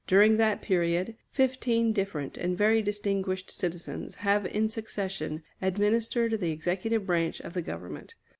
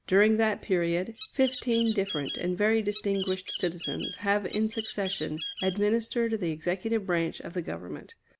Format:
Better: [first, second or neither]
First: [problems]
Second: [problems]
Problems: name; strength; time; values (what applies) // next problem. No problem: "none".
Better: first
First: none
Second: background sound (Bird); 11 dB below the speech